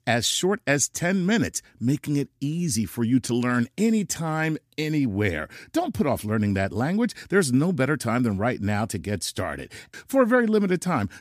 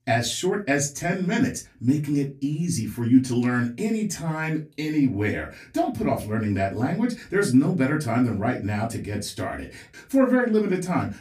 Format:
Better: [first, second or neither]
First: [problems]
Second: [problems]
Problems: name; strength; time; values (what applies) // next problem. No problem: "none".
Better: first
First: none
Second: off-mic speech; far // room echo; very slight; dies away in 0.2 s